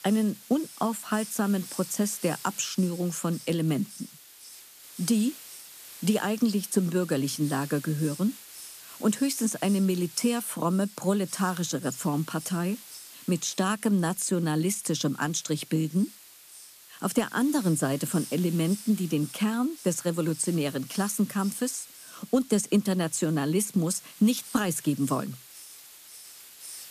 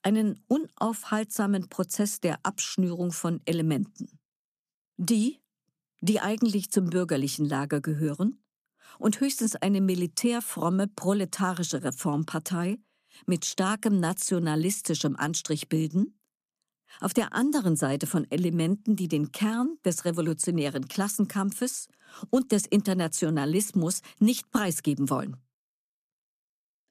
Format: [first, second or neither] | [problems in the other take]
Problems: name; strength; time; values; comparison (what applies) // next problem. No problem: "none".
second | hiss; noticeable; throughout; 15 dB below the speech